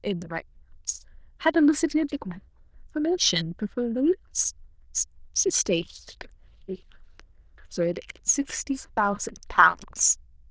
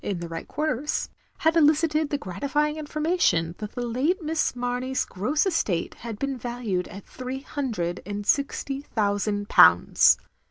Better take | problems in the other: second | noise reduction (neural diffusion model UNIVERSE++)

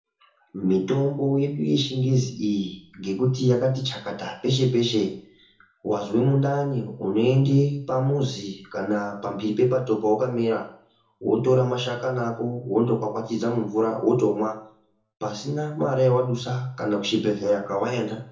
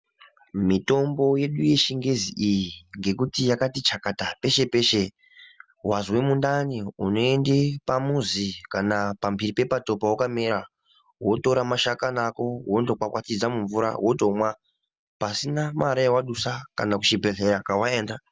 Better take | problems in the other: second | room echo; dies away in 0.6 s

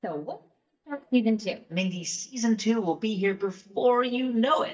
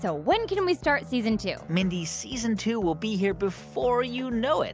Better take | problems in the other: second | noise reduction (neural mask model DeepFilterNet 3)

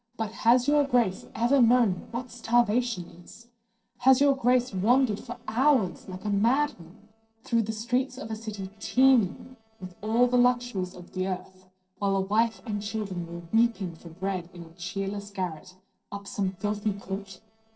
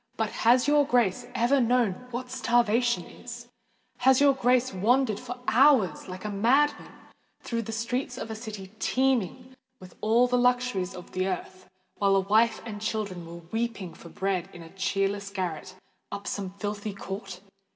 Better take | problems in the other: second | noise reduction (neural separator model SepFormer DNS4)

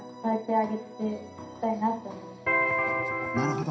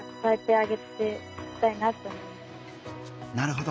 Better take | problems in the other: second | background sound (Electric guitar); 4 dB above the speech // room echo; dies away in 0.5 s

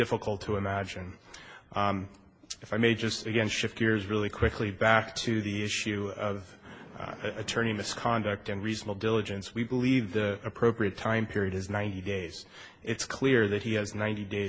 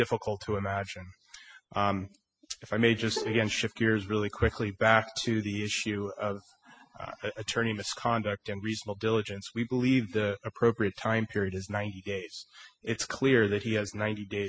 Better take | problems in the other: first | noise reduction (classical method spectral subtraction)

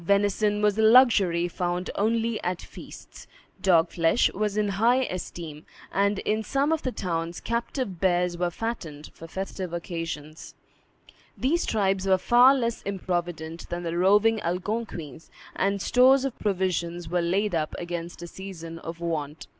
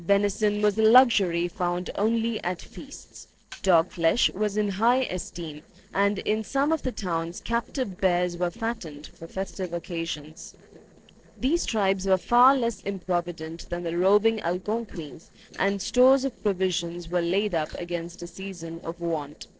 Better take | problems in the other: first | noise reduction (neural separator model SepFormer DNS4)

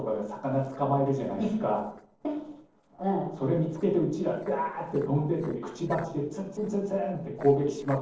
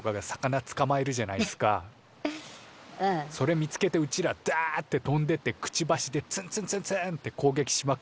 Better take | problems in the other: second | noise reduction (neural separator model SepFormer DNS4)

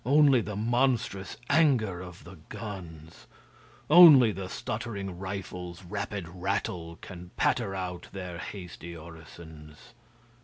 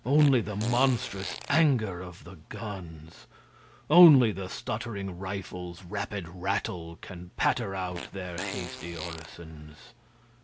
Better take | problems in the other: first | background sound (Fart); 13 dB below the speech

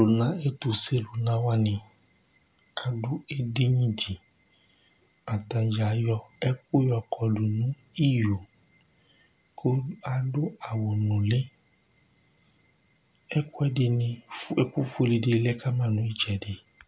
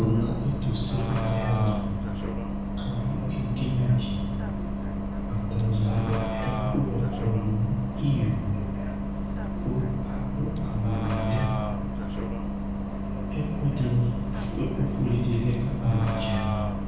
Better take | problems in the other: first | background sound (Bus); 1 dB below the speech // room echo; dies away in 0.9 s

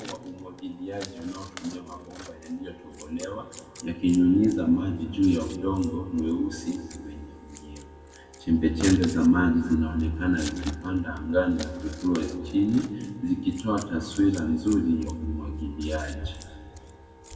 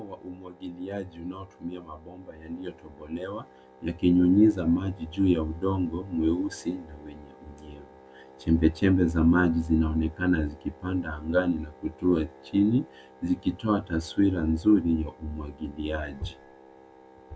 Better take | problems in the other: second | background sound (Scissors); 20 dB below the speech // room echo; dies away in 1.9 s

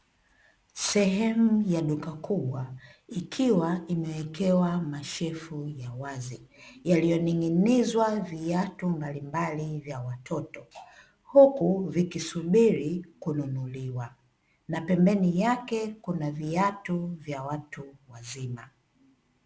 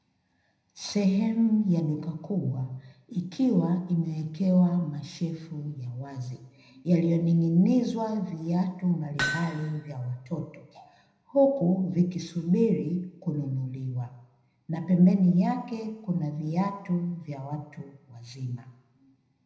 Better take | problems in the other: first | background sound (Hammer); 8 dB below the speech // room echo; dies away in 0.7 s

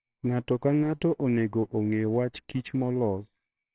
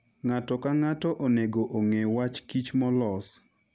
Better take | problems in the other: second | noise reduction (neural separator model SepFormer WHAMR!)

